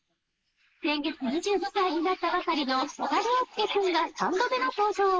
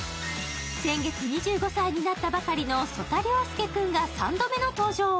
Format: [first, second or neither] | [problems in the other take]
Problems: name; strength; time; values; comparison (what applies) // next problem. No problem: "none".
second | noise reduction (neural mask model Resemble Enhance denoiser)